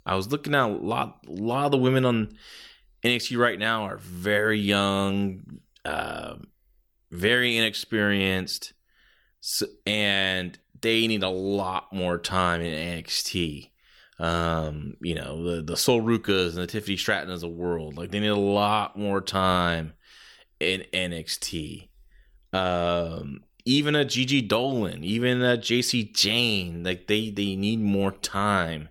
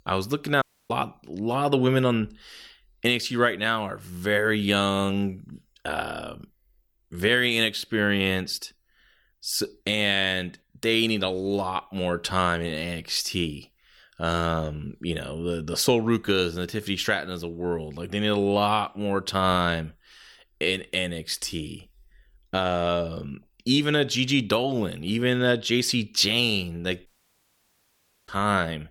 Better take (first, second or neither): first